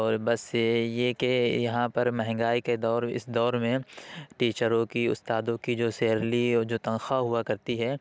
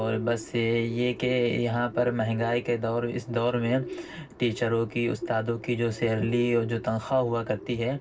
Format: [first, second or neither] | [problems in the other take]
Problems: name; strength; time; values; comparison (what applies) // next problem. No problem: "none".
first | background sound (Bird); 14 dB below the speech // room echo; dies away in 0.4 s